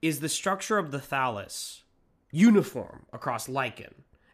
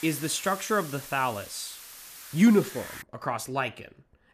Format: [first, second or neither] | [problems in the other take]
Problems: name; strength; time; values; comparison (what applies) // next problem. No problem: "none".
first | hiss; noticeable; until 3 s; 15 dB below the speech